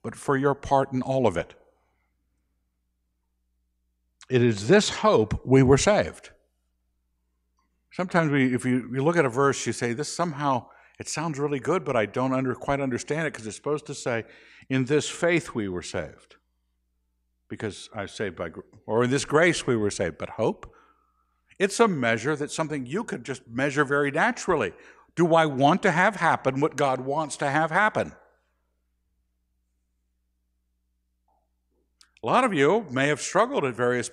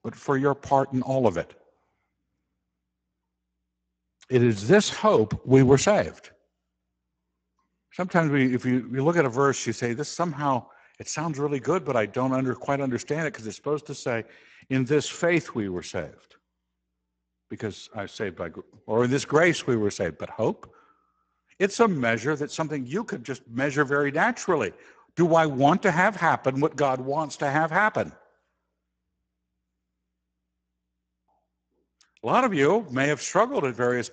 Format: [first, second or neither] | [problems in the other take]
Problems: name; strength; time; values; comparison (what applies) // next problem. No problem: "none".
first | garbled, watery; badly; nothing above 7.5 kHz